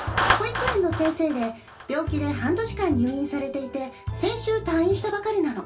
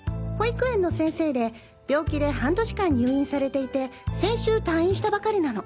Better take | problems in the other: second | background sound (Clapping); 7 dB below the speech // room echo; dies away in 0.2 s

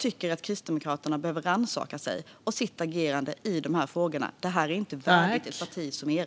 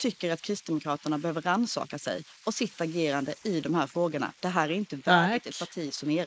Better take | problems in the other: first | noise reduction (neural mask model Resemble Enhance denoiser)

